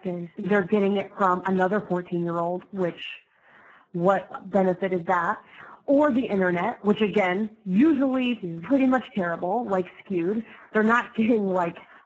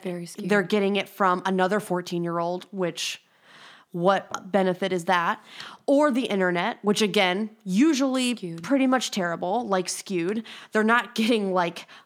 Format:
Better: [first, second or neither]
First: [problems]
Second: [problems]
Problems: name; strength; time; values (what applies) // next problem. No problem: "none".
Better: second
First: garbled, watery; badly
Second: none